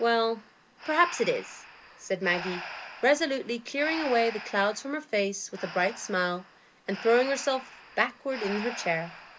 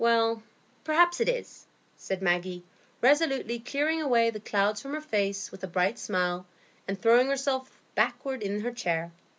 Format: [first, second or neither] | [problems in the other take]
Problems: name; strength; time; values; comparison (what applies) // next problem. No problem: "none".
second | background sound (Breathing); 13 dB below the speech